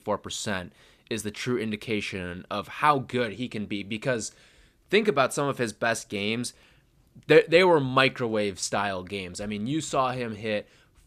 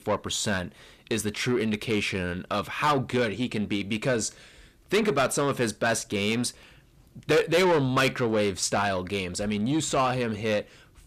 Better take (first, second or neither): first